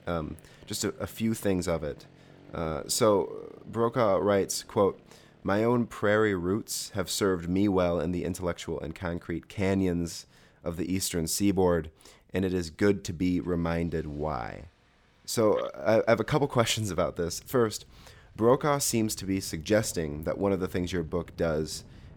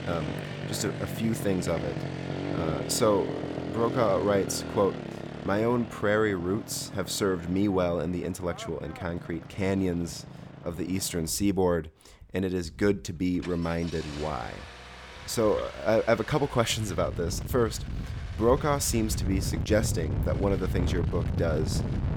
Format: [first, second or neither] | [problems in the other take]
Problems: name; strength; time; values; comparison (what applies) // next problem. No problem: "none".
first | traffic noise; loud; throughout; 7 dB below the speech; faint in the first